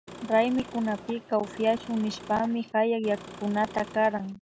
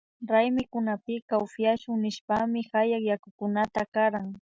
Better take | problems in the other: second | background sound (Engine / Car); 16 dB below the speech

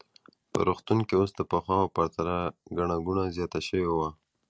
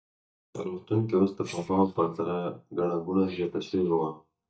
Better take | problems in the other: first | noise reduction (neural mask model DeepFilterNet 3)

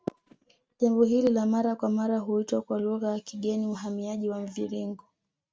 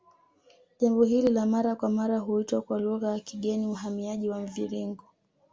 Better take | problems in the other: second | noise reduction (neural mask model RNNoise)

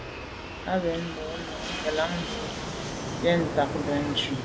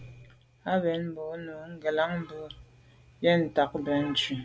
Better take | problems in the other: second | background sound (Fixed-wing aircraft, airplane); 4 dB below the speech

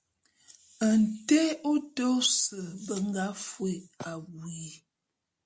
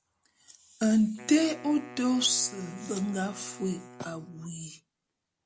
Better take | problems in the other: first | background sound (Wind instrument, woodwind instrument); 19 dB below the speech

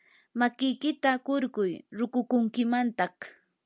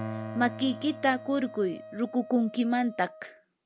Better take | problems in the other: first | background sound (Piano + Wind instrument, woodwind instrument); 12 dB below the speech

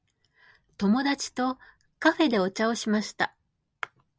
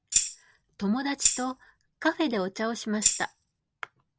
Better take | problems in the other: first | background sound (Tambourine); 4 dB above the speech

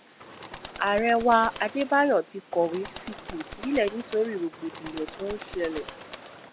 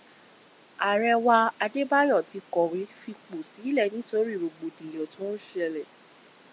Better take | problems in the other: second | background sound (Bird); 15 dB below the speech

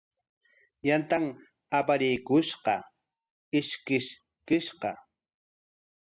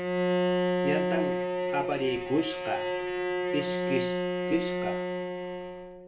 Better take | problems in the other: first | background sound (Bowed string instrument); 4 dB above the speech // room echo; dies away in 0.3 s

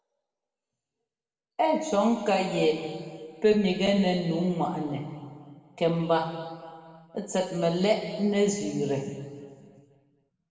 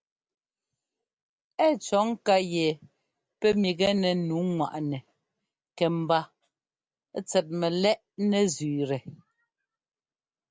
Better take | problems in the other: second | room echo; dies away in 2 s

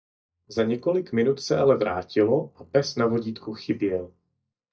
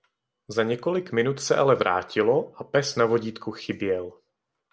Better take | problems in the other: second | noise reduction (neural mask model DeepFilterNet 3)

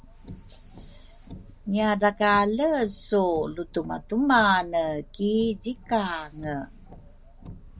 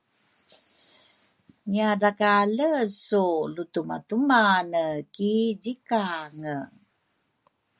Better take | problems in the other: second | background sound (Car); 18 dB below the speech

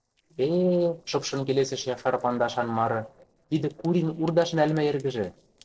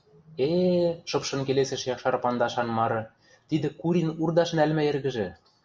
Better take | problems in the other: second | noise reduction (neural separator model SepFormer DNS4)

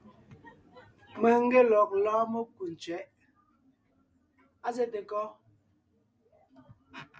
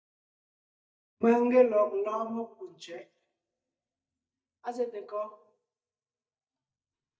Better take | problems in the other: first | noise reduction (neural mask model DeepFilterNet 3)

